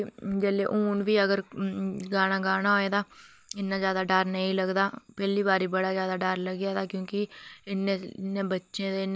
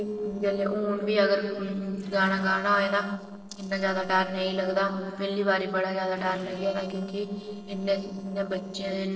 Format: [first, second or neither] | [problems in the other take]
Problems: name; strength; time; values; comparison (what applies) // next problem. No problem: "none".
first | noise reduction (neural separator model SepFormer DNS4)